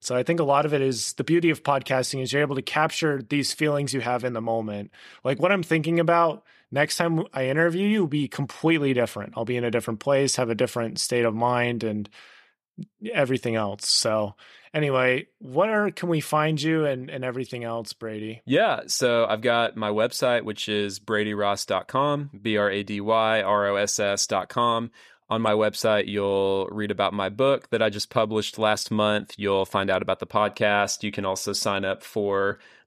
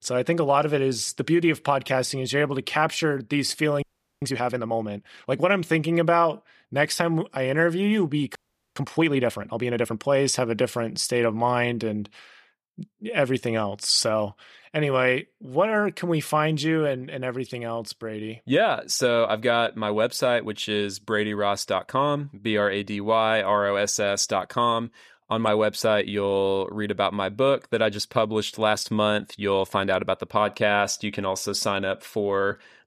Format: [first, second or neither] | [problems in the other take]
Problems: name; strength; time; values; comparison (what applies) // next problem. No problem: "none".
first | audio freezing; at 4 s and at 8.5 s